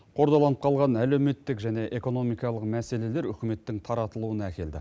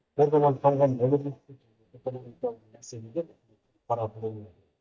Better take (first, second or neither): first